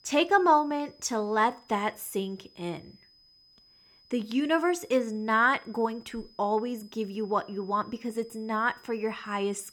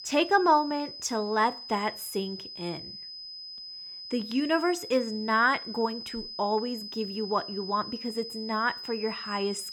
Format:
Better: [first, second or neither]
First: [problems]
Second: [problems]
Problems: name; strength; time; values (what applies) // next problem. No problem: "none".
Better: first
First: high-pitched whine; faint; throughout; 5 kHz, 30 dB below the speech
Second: high-pitched whine; loud; throughout; 5 kHz, 10 dB below the speech